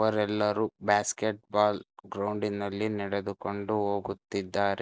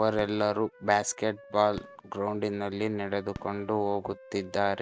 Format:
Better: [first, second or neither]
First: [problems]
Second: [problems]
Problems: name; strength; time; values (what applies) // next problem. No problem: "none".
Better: first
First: none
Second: background sound (Wind instrument, woodwind instrument + Fireworks); 20 dB below the speech